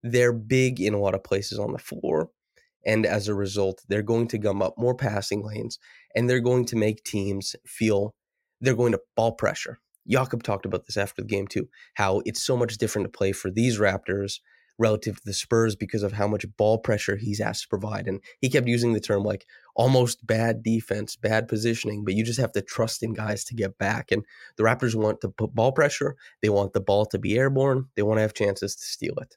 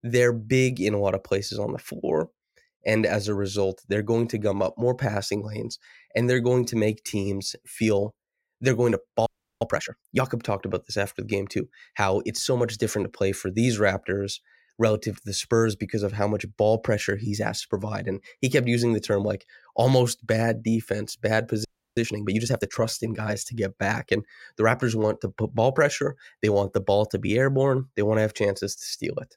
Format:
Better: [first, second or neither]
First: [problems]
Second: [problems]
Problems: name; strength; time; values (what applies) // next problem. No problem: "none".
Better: first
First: none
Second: audio freezing; at 9.5 s and at 22 s